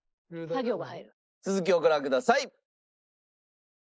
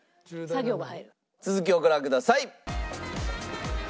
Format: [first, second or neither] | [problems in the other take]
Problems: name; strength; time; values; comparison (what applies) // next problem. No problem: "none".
second | noise reduction (neural mask model Resemble Enhance denoiser)